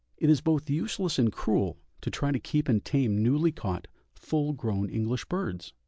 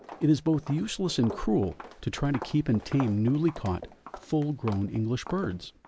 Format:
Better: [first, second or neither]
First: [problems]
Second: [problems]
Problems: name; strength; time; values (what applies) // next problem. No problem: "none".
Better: first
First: none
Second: background sound (Walk, footsteps); 16 dB below the speech